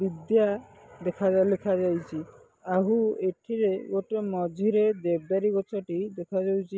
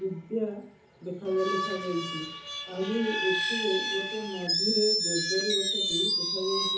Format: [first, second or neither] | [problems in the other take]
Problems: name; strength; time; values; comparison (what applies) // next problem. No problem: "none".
first | background sound (Screech); 1 dB above the speech // room echo; dies away in 0.6 s